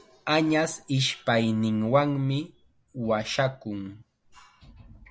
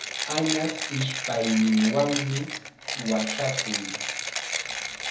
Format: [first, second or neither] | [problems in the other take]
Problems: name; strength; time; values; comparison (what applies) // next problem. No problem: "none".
first | background sound (Mechanisms); 4 dB below the speech // room echo; dies away in 0.7 s